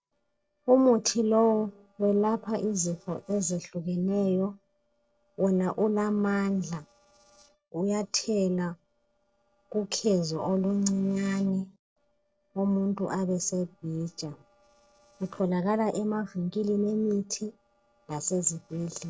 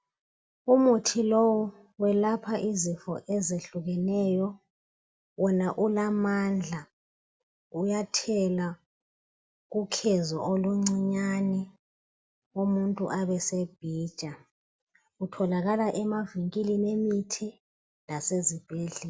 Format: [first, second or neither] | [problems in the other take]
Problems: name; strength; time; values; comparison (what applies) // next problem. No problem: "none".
second | noise reduction (neural separator model SepFormer DNS4)